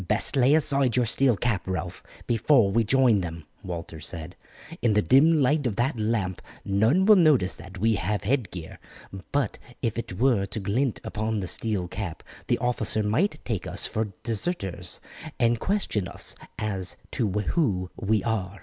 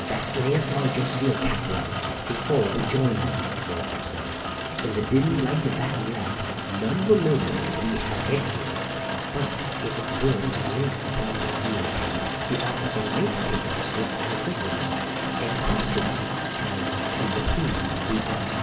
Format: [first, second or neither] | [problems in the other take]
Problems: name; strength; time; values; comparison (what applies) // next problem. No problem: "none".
first | background sound (Rain); 2 dB below the speech // room echo; dies away in 2.3 s